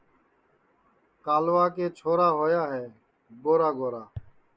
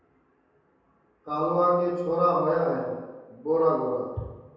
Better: first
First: none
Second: room echo; dies away in 1.2 s

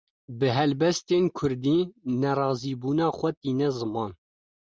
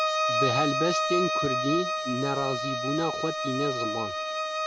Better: first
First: none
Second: background sound (Bowed string instrument); 2 dB above the speech

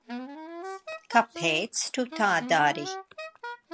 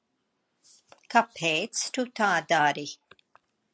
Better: second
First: background sound (Wind instrument, woodwind instrument); 11 dB below the speech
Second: none

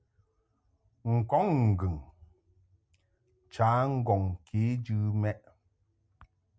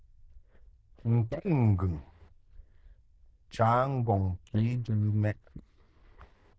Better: first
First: none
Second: noise reduction (neural diffusion model UNIVERSE++)

